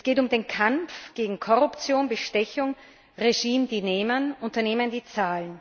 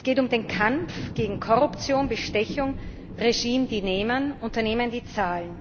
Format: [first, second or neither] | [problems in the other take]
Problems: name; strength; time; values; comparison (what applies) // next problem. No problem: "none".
first | background sound (Thunder); 10 dB below the speech